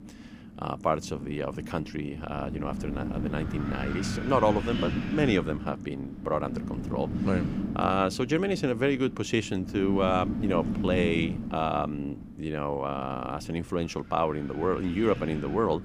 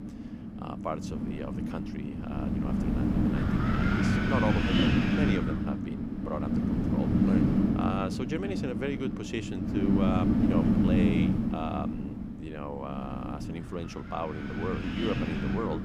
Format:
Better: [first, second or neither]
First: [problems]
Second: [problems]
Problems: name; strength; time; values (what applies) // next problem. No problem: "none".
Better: first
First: wind noise on the microphone; occasional gusts; 10 dB below the speech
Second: wind noise on the microphone; heavy; 3 dB above the speech